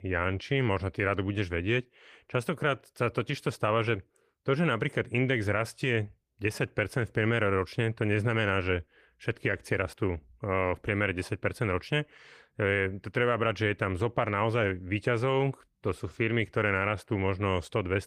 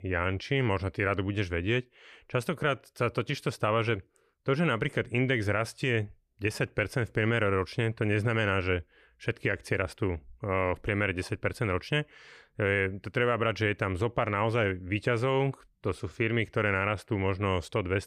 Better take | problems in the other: second | garbled, watery; slightly; nothing above 15 kHz

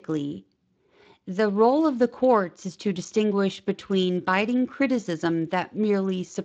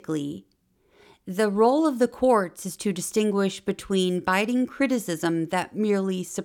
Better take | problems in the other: second | garbled, watery; slightly; nothing above 7.5 kHz

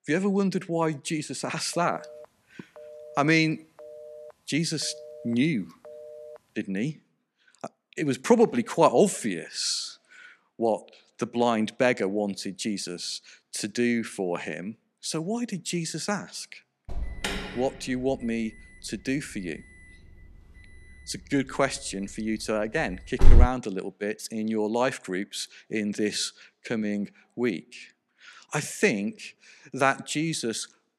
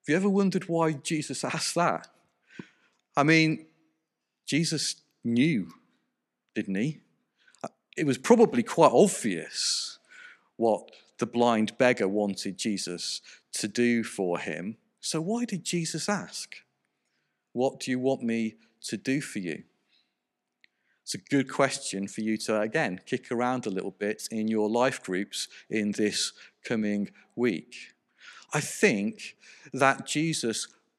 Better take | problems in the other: second | phone ringing; faint; from 1.5 to 6.5 s; peak 15 dB below the speech // alarm; loud; at 23 s; peak 7 dB above the speech

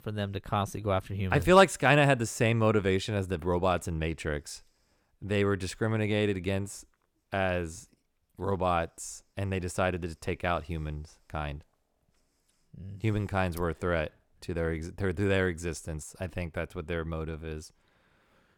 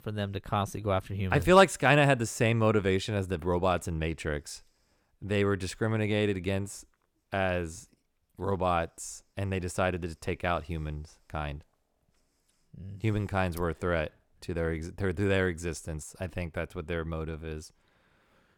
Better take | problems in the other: neither | none

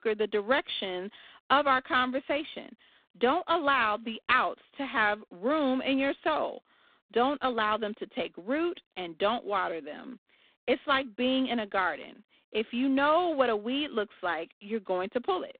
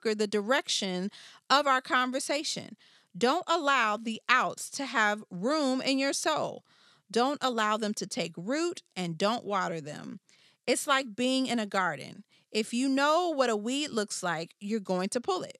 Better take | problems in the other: second | phone-call audio; poor line; nothing above 3.5 kHz

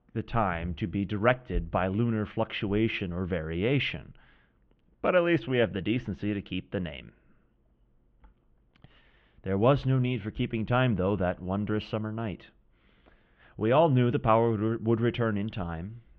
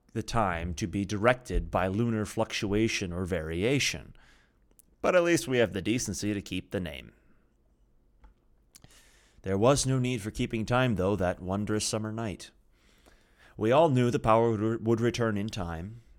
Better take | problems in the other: second | muffled; very; fading above 3 kHz

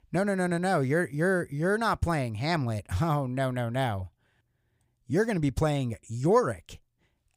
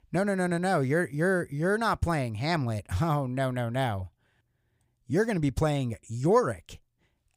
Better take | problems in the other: neither | none

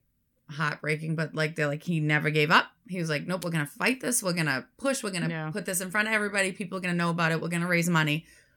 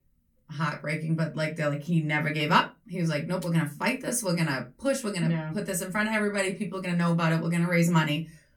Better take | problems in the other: first | off-mic speech; far // room echo; very slight; dies away in 0.2 s

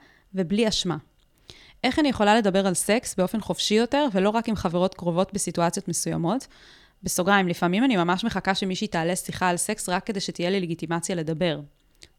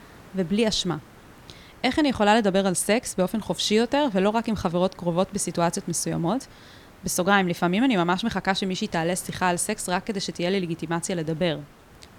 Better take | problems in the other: first | hiss; faint; throughout; 25 dB below the speech

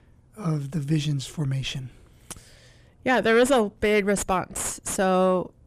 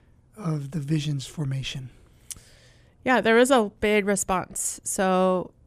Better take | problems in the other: second | distortion; slight; 10 dB below the speech

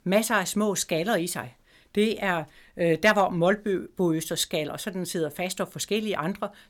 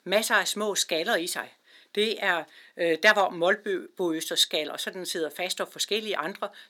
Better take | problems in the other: first | thin; somewhat; fading below 300 Hz

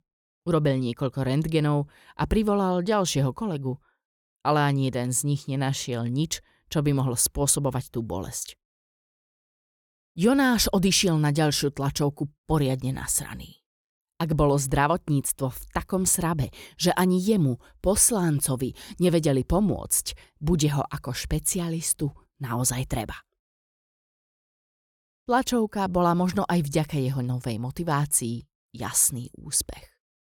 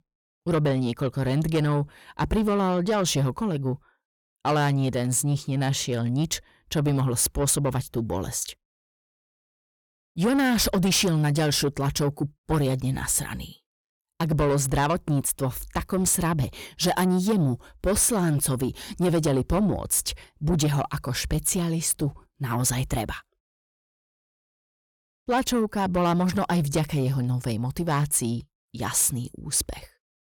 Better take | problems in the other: first | distortion; slight; 10 dB below the speech

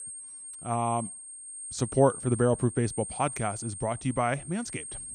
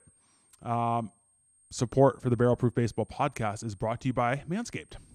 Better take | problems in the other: second | high-pitched whine; loud; throughout; 8.5 kHz, 10 dB below the speech; faint in the second

